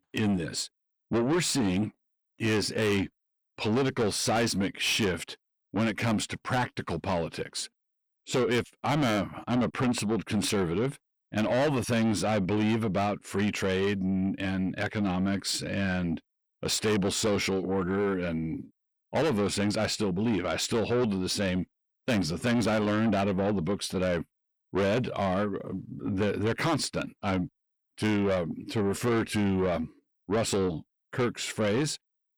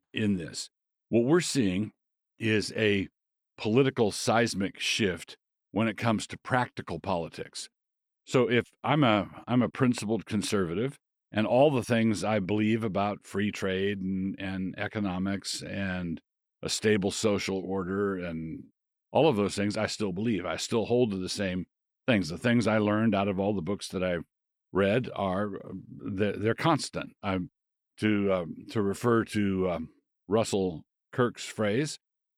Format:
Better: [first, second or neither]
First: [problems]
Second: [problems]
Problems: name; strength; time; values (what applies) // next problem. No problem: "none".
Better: second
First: distortion; heavy; 7 dB below the speech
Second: none